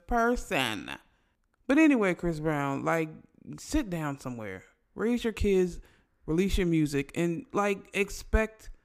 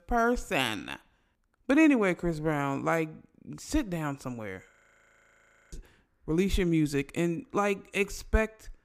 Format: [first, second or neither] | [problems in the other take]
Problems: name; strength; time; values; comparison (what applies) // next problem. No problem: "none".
first | audio freezing; at 4.5 s for 1 s